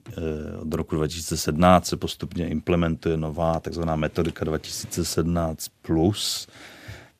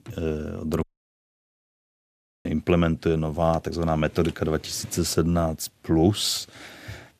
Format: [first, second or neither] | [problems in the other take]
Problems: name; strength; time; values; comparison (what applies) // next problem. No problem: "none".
first | audio cutting out; at 1 s for 1.5 s